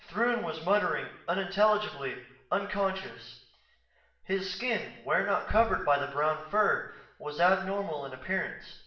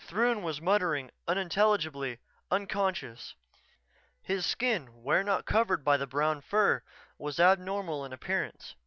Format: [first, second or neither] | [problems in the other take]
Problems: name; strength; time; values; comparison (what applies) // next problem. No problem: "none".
second | room echo; dies away in 0.7 s